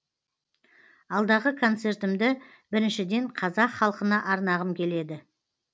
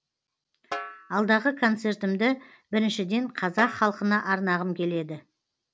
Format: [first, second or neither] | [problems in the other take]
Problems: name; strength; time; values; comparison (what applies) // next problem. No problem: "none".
first | background sound (Snare drum); 15 dB below the speech